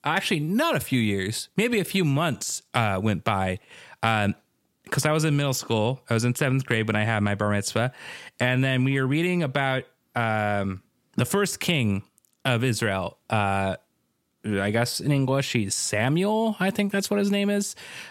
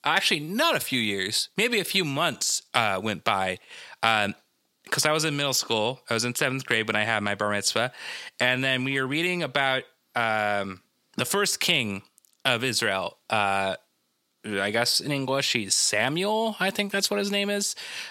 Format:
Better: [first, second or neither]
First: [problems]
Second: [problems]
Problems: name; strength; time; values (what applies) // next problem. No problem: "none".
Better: first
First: none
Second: thin; somewhat; fading below 500 Hz